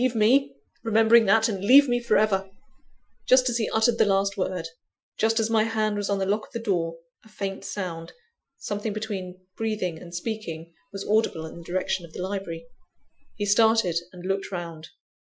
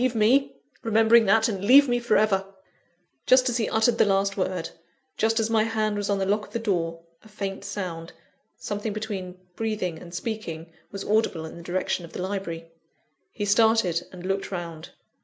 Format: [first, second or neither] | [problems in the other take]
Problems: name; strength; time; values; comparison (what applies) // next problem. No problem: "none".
second | noise reduction (classical method Wiener filter)